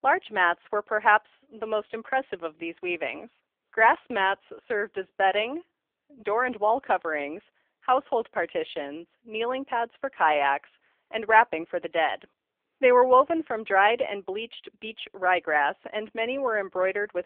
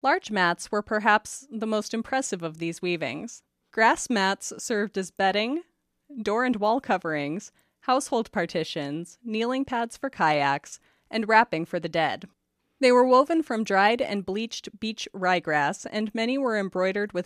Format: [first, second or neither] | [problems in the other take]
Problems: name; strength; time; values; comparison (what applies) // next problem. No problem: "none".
second | phone-call audio; poor line